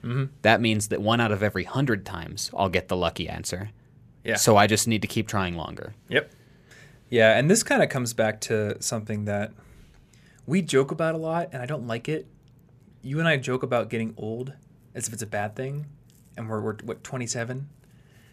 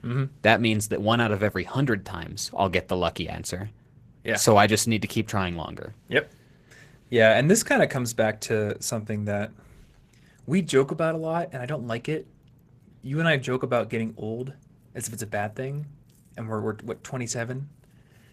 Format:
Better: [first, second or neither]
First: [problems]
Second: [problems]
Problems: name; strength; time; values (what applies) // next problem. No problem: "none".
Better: first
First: none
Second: garbled, watery; slightly; nothing above 14.5 kHz